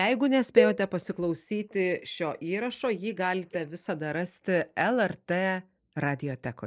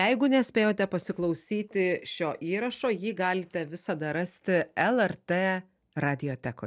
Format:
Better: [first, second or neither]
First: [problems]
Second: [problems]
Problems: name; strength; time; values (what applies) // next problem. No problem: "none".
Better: second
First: noise reduction (neural mask model Resemble Enhance denoiser)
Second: none